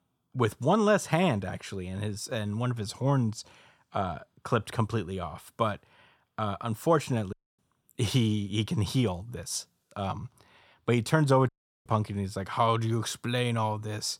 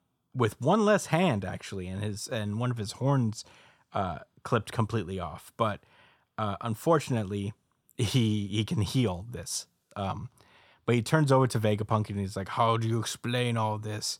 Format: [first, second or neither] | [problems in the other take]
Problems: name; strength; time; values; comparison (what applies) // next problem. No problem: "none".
second | audio cutting out; at 7.5 s and at 11 s